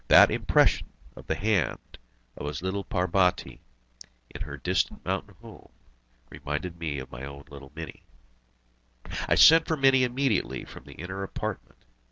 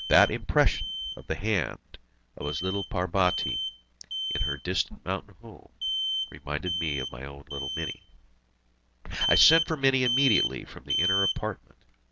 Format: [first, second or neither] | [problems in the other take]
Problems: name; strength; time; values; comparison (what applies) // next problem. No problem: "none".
first | background sound (Alarm); 4 dB below the speech